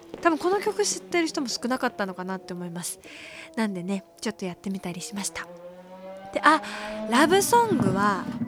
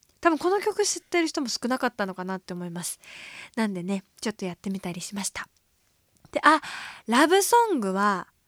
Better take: second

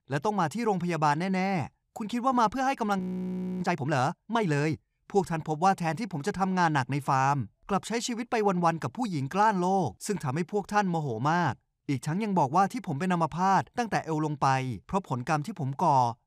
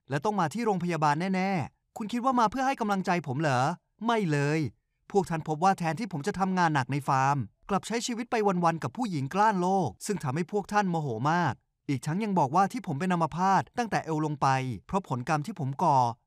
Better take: second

